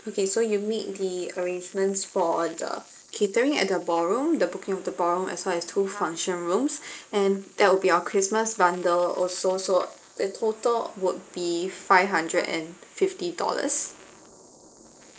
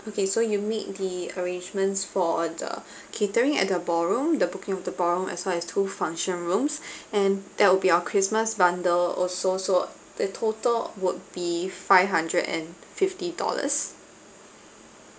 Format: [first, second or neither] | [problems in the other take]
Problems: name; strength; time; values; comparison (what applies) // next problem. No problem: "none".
second | noise reduction (neural mask model Resemble Enhance denoiser)